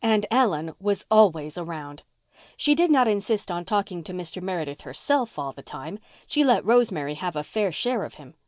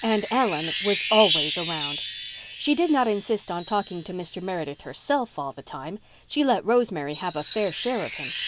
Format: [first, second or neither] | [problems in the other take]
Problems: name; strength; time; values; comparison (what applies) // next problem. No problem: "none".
first | background sound (Wind chime); 7 dB below the speech